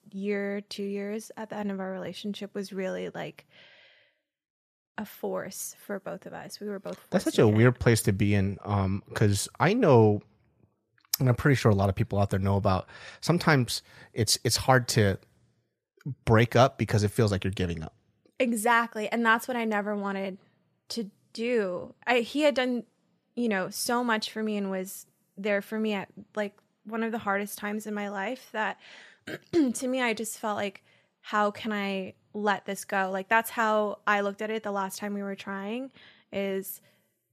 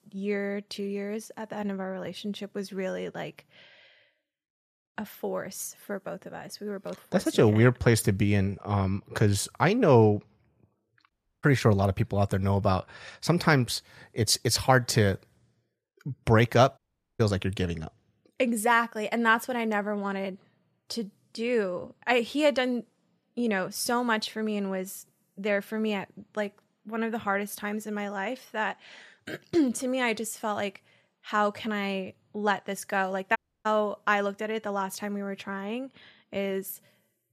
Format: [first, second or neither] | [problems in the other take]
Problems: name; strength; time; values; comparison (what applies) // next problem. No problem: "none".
first | audio cutting out; at 11 s, at 17 s and at 33 s